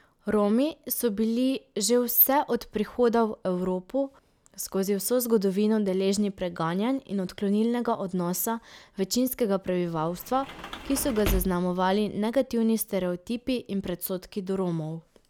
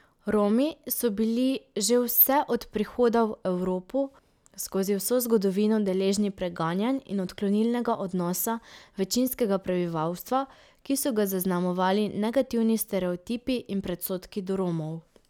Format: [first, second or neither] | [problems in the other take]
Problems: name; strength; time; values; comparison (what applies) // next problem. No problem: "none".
second | background sound (Sliding door / Slam); 8 dB below the speech